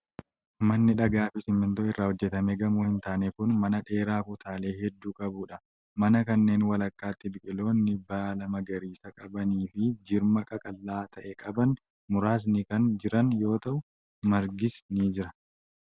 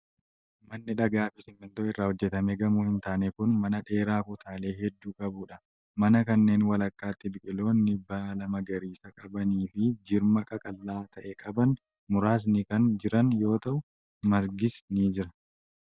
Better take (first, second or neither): first